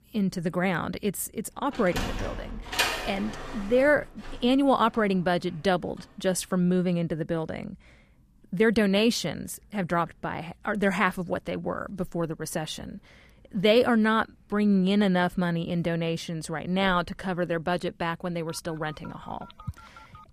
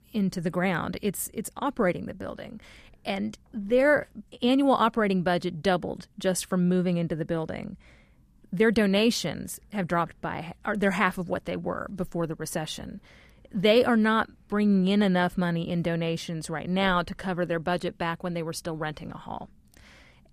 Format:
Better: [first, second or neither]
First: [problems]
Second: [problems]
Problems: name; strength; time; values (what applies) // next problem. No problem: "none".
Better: second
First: door banging; loud; from 2 to 4.5 s; peak 1 dB above the speech // phone ringing; faint; from 18 s on; peak 15 dB below the speech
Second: none